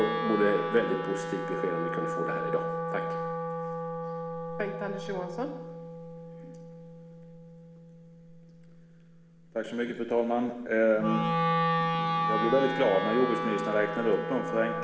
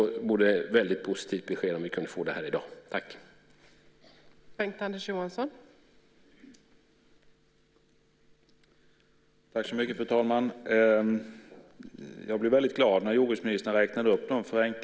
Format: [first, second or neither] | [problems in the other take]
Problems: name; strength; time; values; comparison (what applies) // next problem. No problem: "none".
second | background sound (Wind instrument, woodwind instrument); 2 dB below the speech // room echo; dies away in 1 s